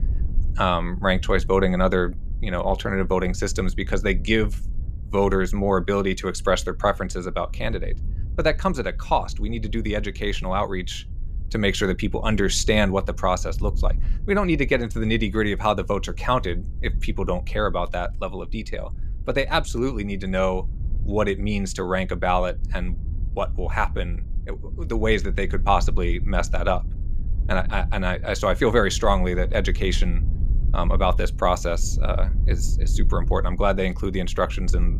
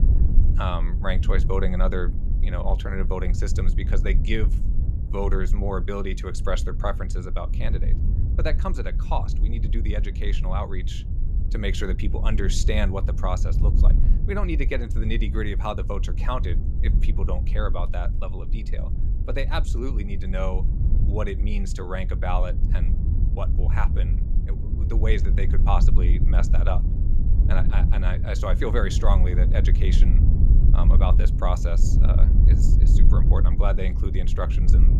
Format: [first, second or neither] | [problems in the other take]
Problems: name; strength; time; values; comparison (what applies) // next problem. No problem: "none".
first | wind noise on the microphone; heavy; 9 dB below the speech; occasional gusts in the first